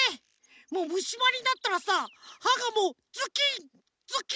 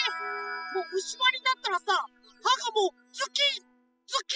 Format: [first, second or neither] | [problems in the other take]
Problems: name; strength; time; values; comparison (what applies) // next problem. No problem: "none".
first | noise reduction (classical method spectral subtraction)